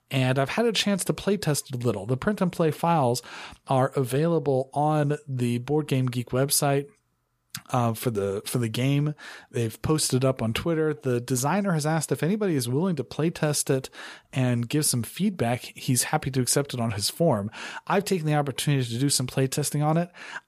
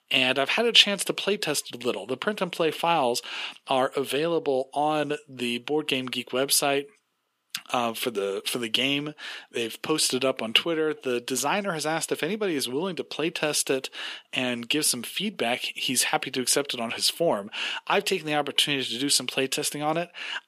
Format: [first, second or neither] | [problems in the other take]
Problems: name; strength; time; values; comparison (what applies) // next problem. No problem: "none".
first | thin; somewhat; fading below 250 Hz